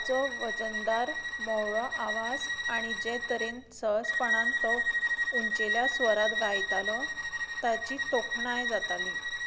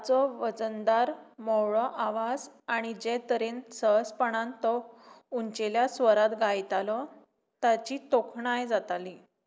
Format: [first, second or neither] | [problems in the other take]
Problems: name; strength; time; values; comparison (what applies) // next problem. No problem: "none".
second | background sound (Bowed string instrument); 1 dB above the speech